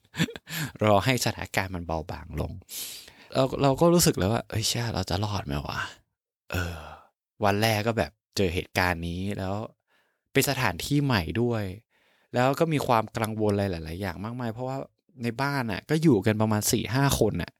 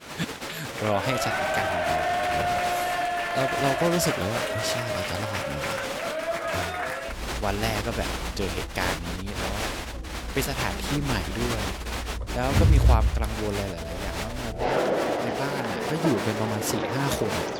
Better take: first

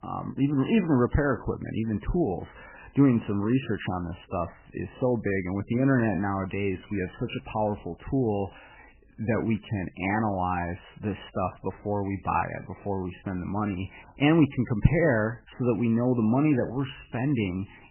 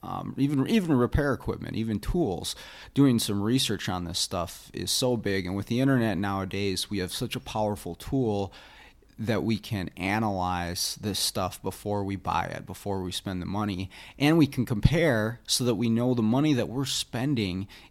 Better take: second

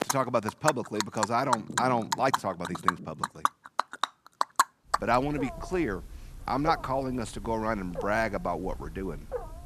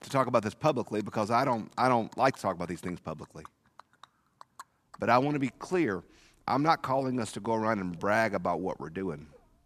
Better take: second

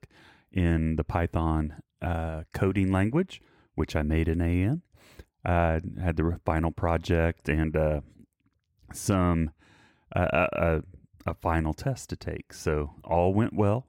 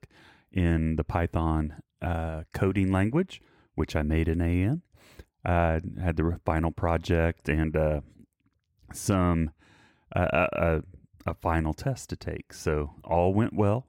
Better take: neither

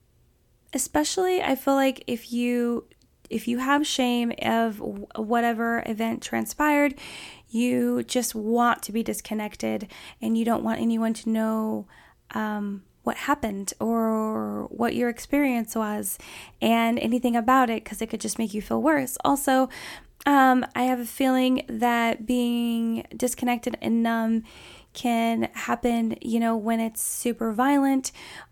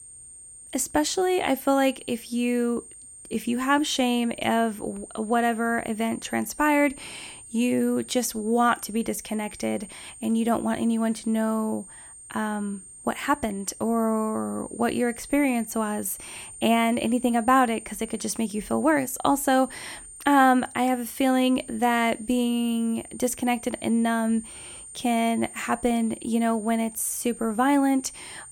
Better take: first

